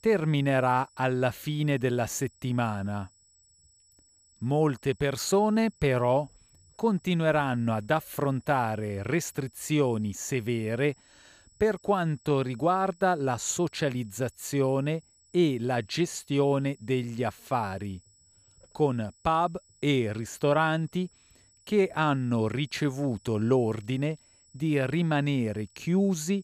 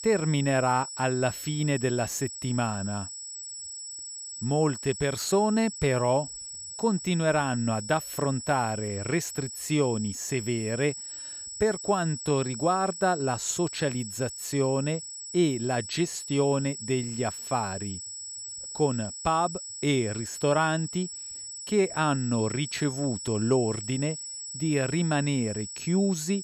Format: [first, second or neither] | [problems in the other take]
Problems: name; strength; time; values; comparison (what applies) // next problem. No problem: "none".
first | high-pitched whine; loud; throughout; 8 kHz, 8 dB below the speech; faint in the first